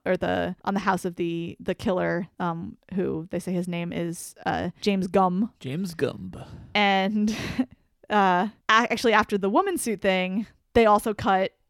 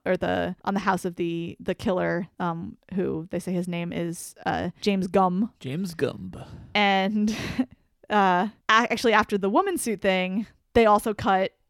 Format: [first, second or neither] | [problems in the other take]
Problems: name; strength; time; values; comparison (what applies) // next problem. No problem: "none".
neither | none